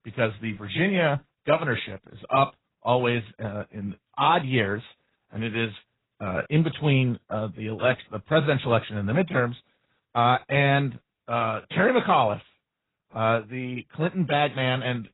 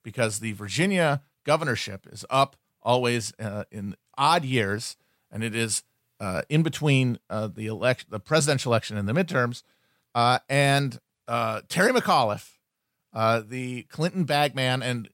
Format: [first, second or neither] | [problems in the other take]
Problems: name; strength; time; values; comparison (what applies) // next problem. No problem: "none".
second | garbled, watery; badly; nothing above 4 kHz